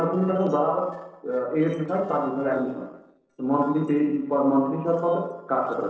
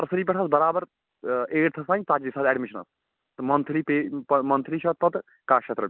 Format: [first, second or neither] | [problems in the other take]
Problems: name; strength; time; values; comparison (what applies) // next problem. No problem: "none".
second | noise reduction (neural separator model SepFormer DNS4)